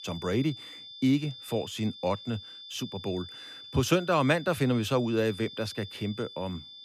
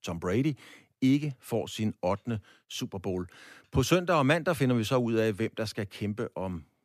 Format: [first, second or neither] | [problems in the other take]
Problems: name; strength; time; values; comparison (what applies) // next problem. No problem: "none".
second | high-pitched whine; noticeable; throughout; 3.5 kHz, 15 dB below the speech